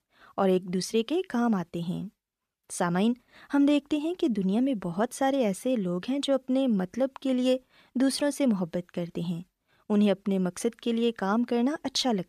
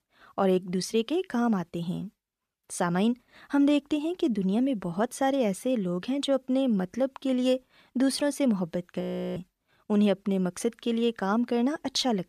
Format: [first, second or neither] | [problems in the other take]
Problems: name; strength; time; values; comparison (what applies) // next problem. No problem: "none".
first | audio freezing; at 9 s